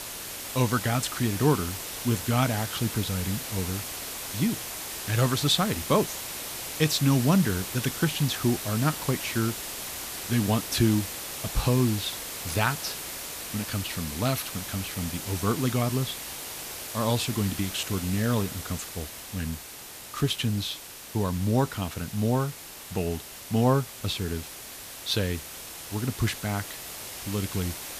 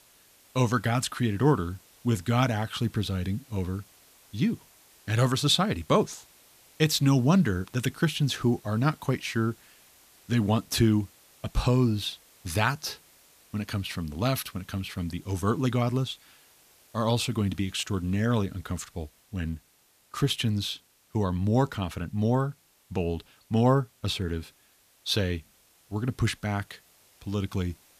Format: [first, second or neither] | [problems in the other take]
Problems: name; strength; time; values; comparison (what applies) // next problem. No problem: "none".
second | hiss; loud; throughout; 7 dB below the speech; faint in the second